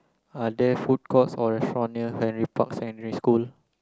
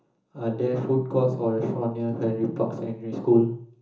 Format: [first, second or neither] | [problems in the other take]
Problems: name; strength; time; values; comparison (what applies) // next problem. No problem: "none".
first | room echo; dies away in 0.7 s